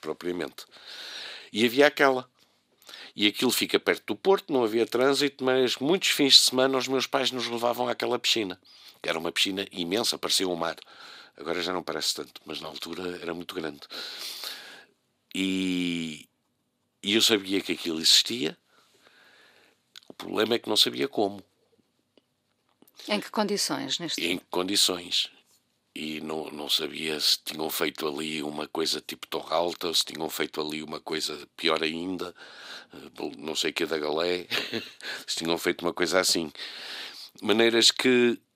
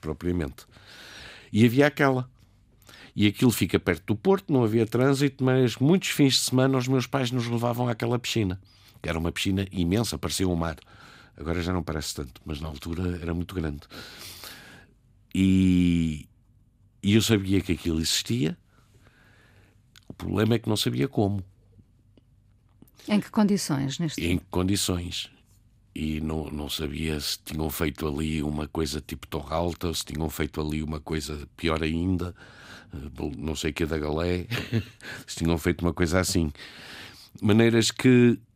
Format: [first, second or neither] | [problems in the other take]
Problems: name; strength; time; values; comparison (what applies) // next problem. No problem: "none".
second | thin; somewhat; fading below 450 Hz